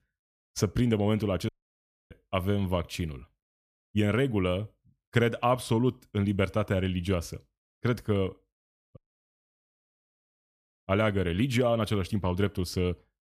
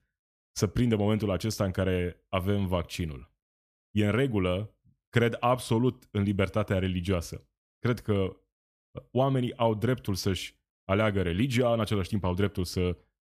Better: second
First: audio cutting out; at 1.5 s for 0.5 s and at 9 s for 2 s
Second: none

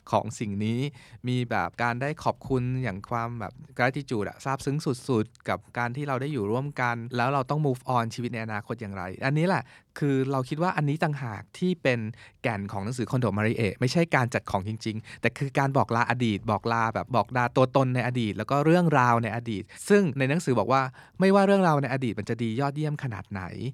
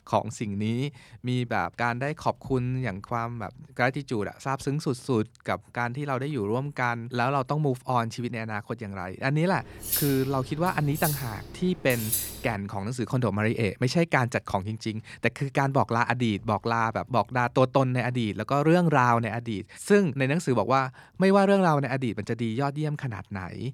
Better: first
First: none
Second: clattering dishes; noticeable; from 10 to 12 s; peak level with the speech

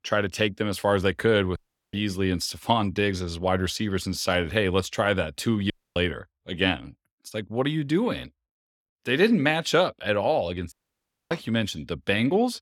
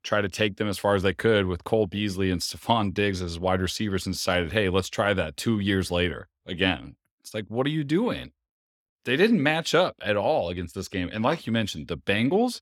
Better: second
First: audio cutting out; at 1.5 s, at 5.5 s and at 11 s for 0.5 s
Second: none

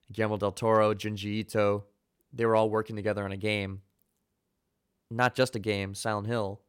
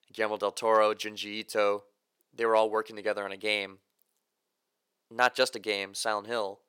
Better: first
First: none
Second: thin; somewhat; fading below 450 Hz

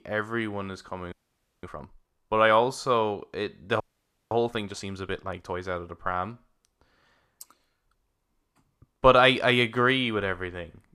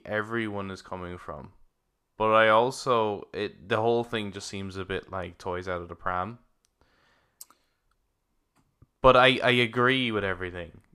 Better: second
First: audio freezing; at 1 s for 0.5 s and at 4 s for 0.5 s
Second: none

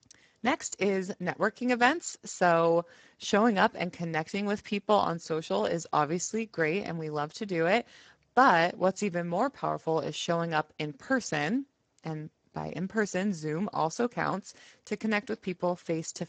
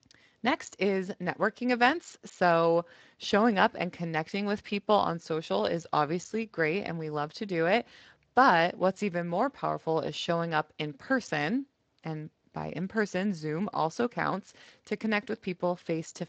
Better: second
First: garbled, watery; badly; nothing above 7.5 kHz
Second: garbled, watery; slightly; nothing above 7.5 kHz

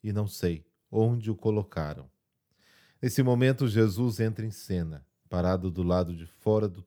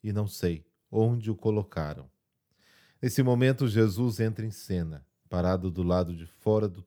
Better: neither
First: none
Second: none

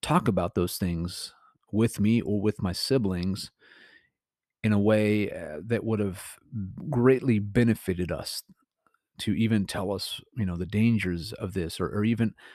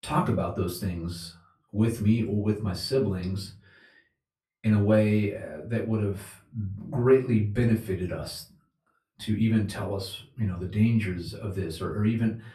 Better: first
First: none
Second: room echo; slight; dies away in 0.3 s // off-mic speech; far

